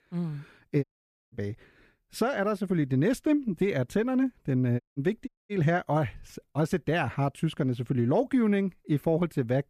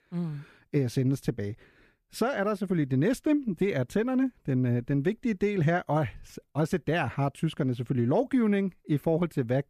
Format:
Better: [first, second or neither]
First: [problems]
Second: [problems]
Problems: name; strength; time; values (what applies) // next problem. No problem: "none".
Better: second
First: audio cutting out; at 1 s, at 5 s and at 5.5 s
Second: none